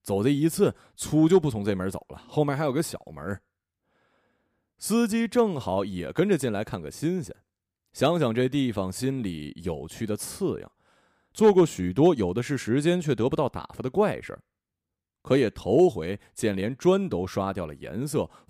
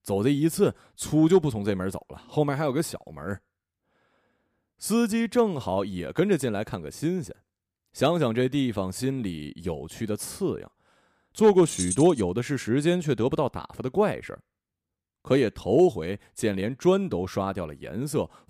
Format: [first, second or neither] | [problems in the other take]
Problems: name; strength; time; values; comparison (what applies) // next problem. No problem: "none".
first | jangling keys; noticeable; at 12 s; peak 4 dB below the speech